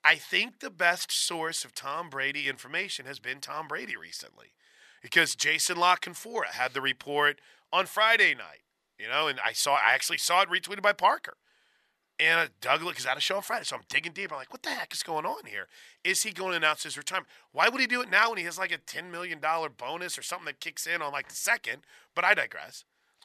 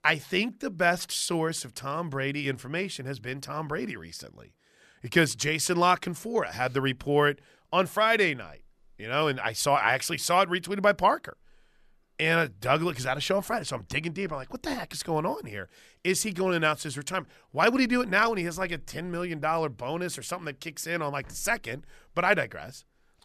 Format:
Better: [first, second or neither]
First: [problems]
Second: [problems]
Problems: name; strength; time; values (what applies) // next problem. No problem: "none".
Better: second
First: thin; somewhat; fading below 1 kHz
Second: none